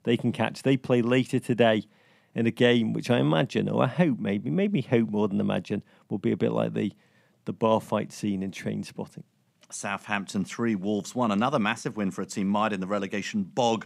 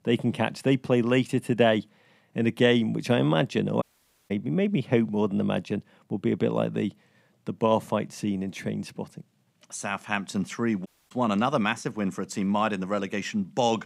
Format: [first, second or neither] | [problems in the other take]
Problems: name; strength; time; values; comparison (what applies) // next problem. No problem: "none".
first | audio cutting out; at 4 s and at 11 s